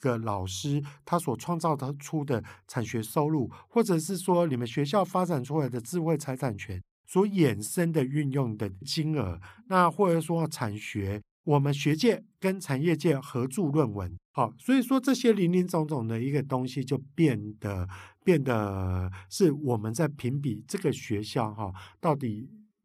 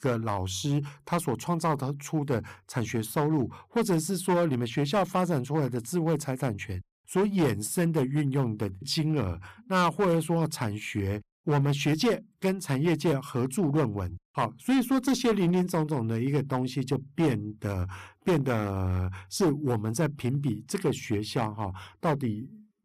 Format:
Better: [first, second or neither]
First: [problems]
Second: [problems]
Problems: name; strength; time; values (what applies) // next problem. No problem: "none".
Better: first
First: none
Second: distortion; slight; 7% of the sound clipped